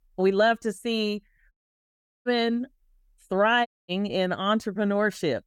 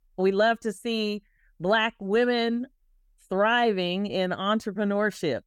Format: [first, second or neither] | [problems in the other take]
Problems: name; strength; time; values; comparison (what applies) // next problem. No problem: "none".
second | audio cutting out; at 1.5 s for 0.5 s and at 3.5 s